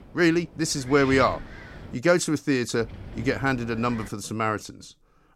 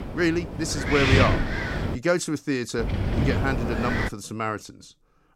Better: first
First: wind noise on the microphone; occasional gusts; until 2 s and from 3 to 4 s; 15 dB below the speech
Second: wind noise on the microphone; heavy; until 2 s and from 3 to 4 s; as loud as the speech

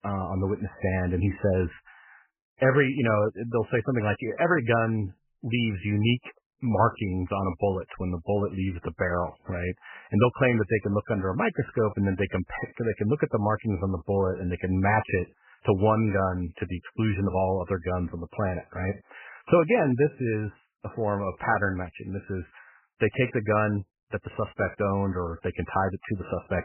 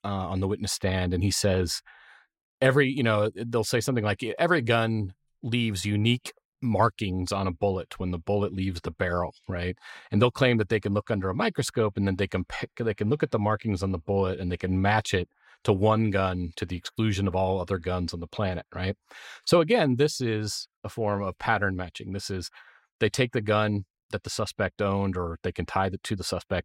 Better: second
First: garbled, watery; badly; nothing above 3 kHz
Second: none

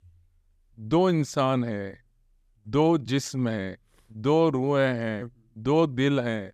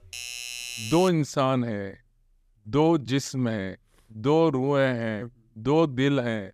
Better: first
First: none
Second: doorbell; noticeable; until 1 s; peak 8 dB below the speech

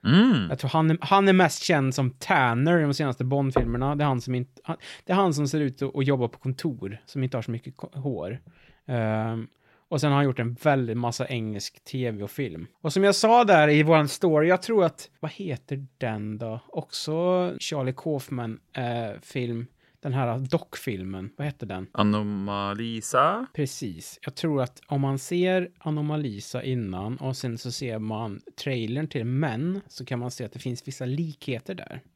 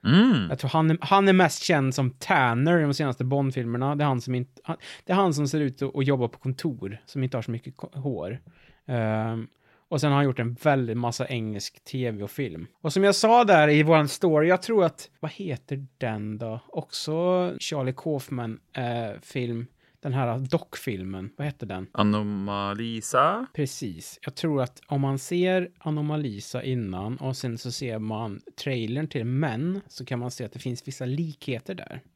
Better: second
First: door banging; noticeable; at 3.5 s; peak 3 dB below the speech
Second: none

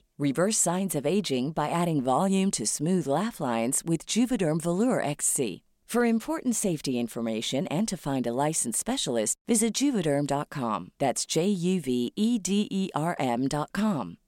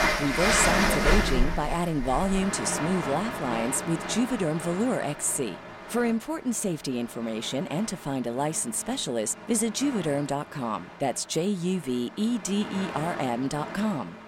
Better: first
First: none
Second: train or aircraft noise; loud; throughout; 2 dB below the speech

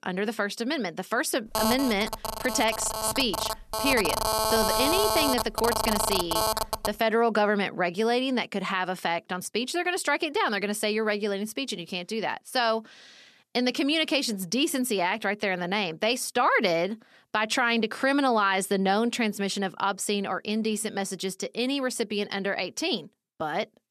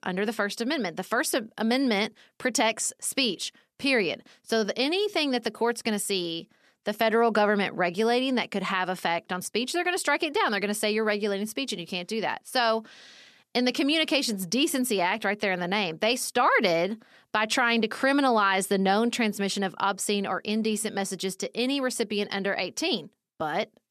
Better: second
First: phone ringing; loud; from 1.5 to 7 s; peak 3 dB above the speech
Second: none

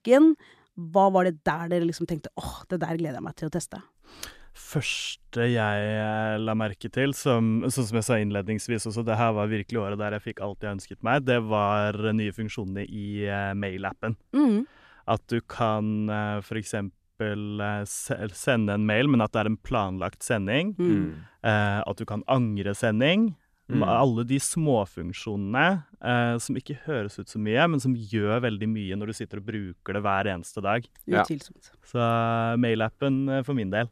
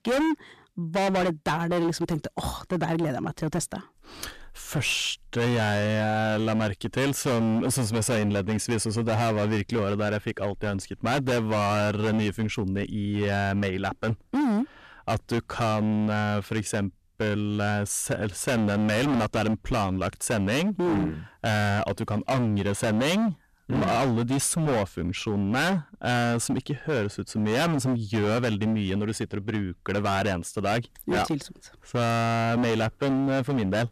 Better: first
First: none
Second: distortion; heavy; 23% of the sound clipped

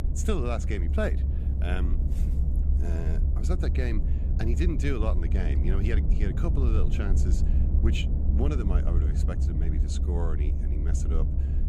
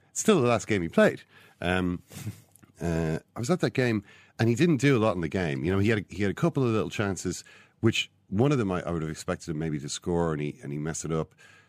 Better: second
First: low rumble; loud; throughout; 6 dB below the speech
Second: none

